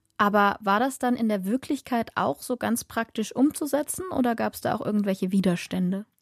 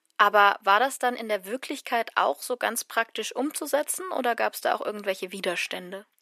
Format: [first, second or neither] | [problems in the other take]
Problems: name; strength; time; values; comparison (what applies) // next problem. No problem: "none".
first | thin; very; fading below 400 Hz